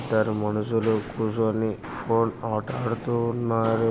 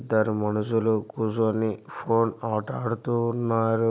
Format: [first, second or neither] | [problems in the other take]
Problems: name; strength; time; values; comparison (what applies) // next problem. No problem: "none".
second | background sound (Walk, footsteps); 13 dB below the speech